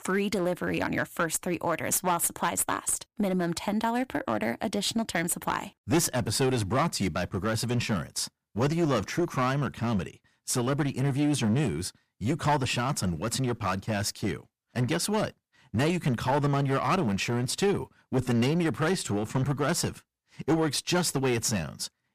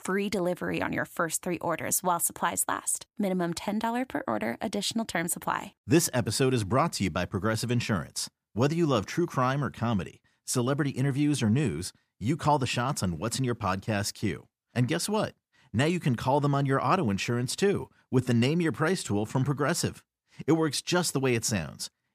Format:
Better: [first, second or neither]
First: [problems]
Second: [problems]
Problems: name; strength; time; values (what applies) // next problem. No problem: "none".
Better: second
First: distortion; slight; 8% of the sound clipped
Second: none